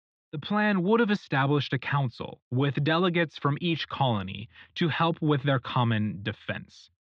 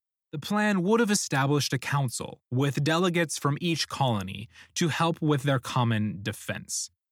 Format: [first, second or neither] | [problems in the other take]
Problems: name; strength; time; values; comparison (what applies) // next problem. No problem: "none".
second | muffled; very; fading above 3.5 kHz